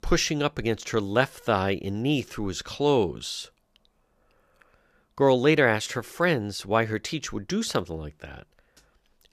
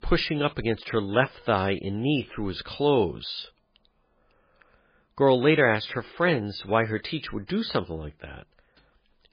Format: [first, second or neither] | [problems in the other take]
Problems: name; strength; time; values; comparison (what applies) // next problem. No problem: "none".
first | garbled, watery; badly; nothing above 5 kHz